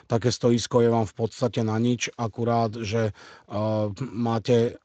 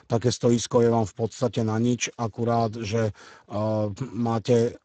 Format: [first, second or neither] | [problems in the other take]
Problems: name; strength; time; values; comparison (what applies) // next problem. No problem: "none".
first | garbled, watery; badly; nothing above 7.5 kHz; slightly in the first